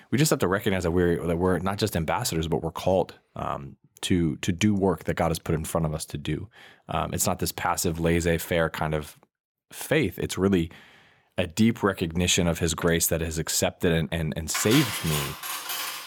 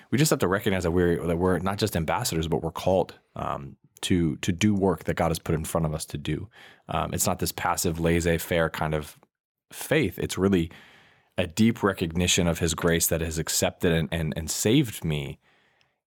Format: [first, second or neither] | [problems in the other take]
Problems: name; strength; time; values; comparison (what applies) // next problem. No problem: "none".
second | clattering dishes; noticeable; from 15 s on; peak 2 dB below the speech